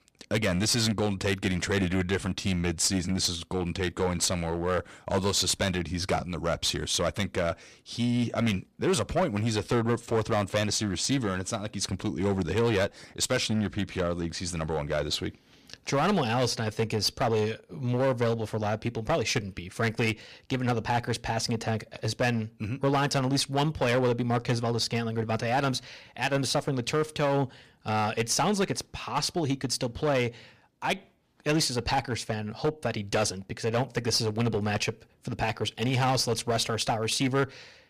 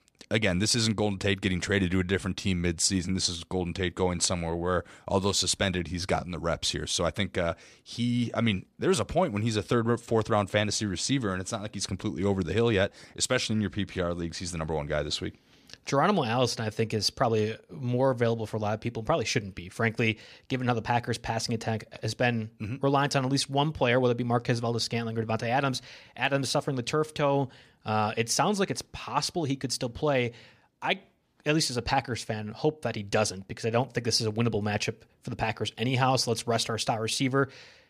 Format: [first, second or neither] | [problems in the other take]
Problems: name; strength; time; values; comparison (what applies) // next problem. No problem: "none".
second | distortion; slight; 6% of the sound clipped